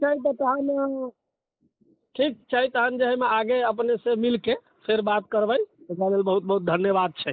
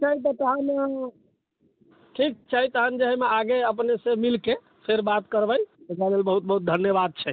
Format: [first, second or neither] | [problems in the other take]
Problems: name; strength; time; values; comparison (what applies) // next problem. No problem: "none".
second | noise reduction (neural mask model Resemble Enhance denoiser)